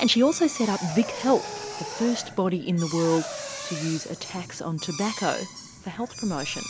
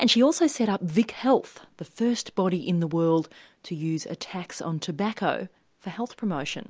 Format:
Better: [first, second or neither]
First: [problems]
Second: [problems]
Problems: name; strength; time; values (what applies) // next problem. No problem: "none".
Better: second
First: background sound (Drill); 10 dB below the speech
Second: none